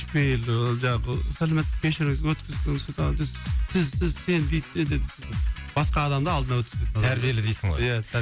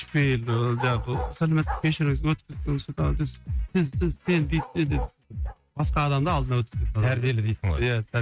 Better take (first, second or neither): first